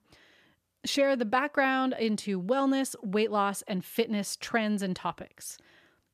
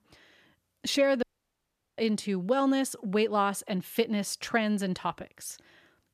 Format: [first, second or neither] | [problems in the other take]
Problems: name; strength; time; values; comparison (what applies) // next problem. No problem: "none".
first | audio cutting out; at 1 s for 1 s